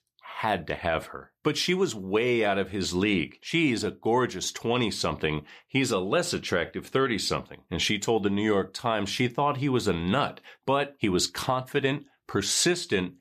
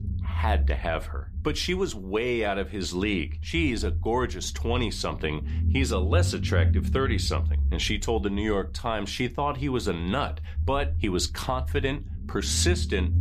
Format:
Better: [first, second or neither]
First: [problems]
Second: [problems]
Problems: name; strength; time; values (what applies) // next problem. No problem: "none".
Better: first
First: none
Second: low rumble; noticeable; throughout; 15 dB below the speech